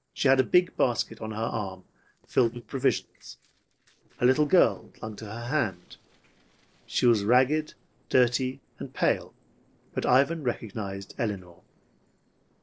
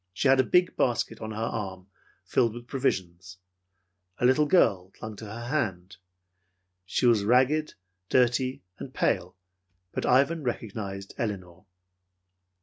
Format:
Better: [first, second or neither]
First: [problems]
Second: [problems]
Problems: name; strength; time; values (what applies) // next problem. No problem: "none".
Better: second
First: noise reduction (neural separator model SepFormer DNS4)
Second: none